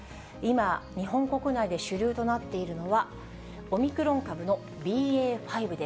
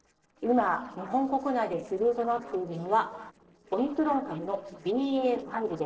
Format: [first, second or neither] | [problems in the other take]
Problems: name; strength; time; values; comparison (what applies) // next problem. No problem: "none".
first | noise reduction (neural separator model SepFormer DNS4)